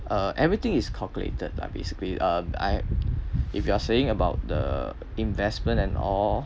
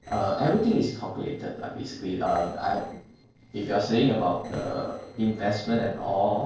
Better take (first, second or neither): first